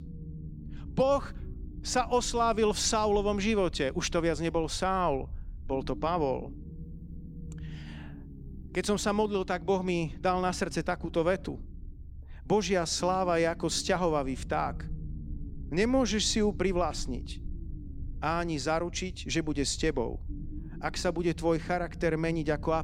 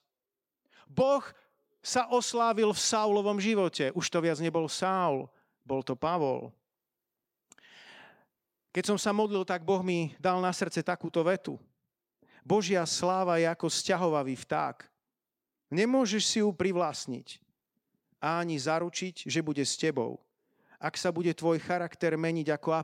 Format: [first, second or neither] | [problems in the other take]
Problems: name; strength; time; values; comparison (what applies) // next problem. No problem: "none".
second | low rumble; faint; throughout; 25 dB below the speech